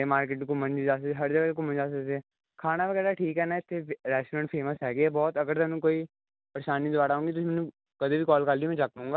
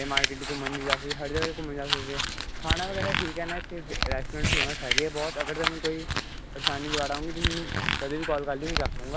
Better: first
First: none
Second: background sound (Crumpling, crinkling); 3 dB above the speech

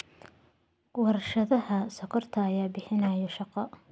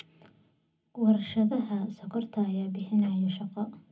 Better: first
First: none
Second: room echo; dies away in 0.4 s

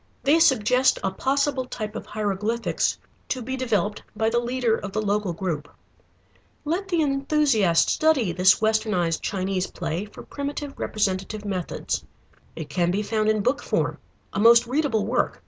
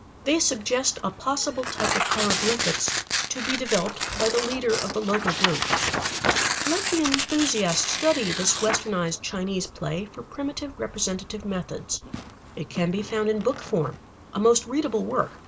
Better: first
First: none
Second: background sound (Tearing); 3 dB below the speech

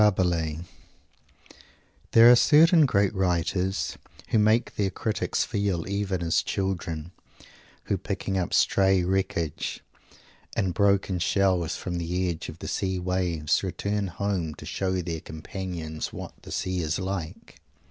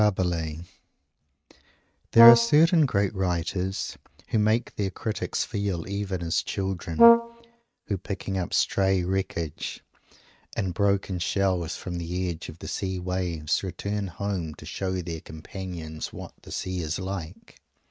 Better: first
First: none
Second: noise reduction (neural mask model RNNoise)

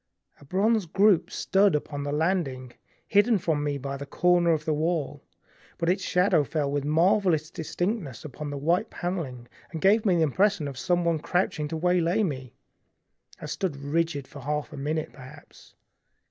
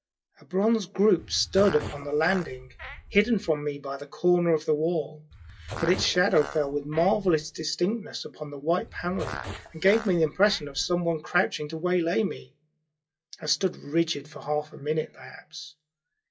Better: first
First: none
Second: noise reduction (classical method WPE with log-MMSE)

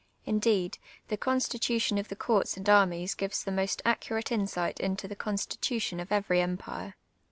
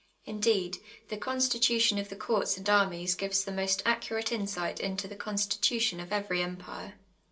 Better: first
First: none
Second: room echo; dies away in 0.2 s

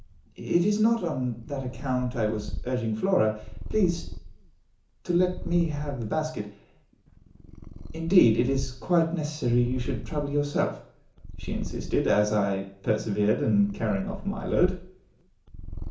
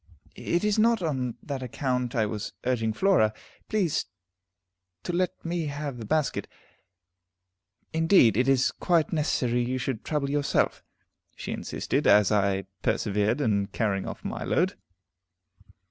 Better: second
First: background sound (Purr); 10 dB below the speech // room echo; dies away in 0.7 s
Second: none

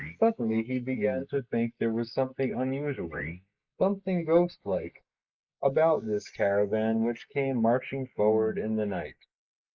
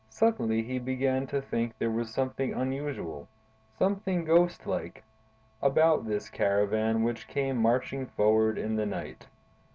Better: second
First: noise reduction (neural mask model Resemble Enhance denoiser)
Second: none

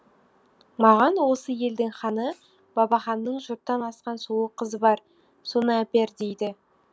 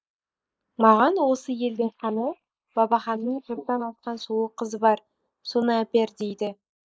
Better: first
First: none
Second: noise reduction (neural mask model Resemble Enhance denoiser)

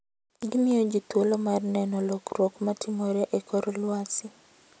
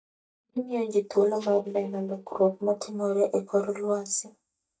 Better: first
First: none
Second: noise reduction (neural mask model DeepFilterNet 3)

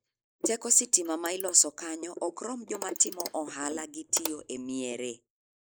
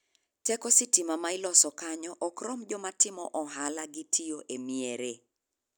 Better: second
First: noise reduction (neural mask model Resemble Enhance denoiser)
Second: none

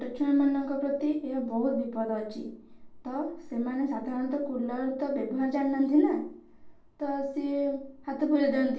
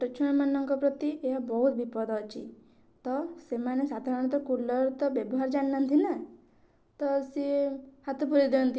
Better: second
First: room echo; dies away in 0.3 s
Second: none

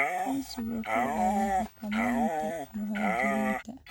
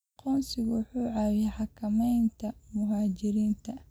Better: second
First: background sound (Dog); 2 dB above the speech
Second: none

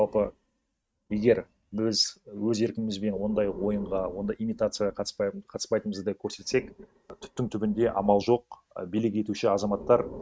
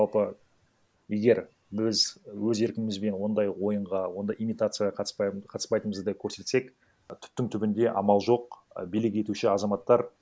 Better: second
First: noise reduction (neural mask model RNNoise)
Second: none

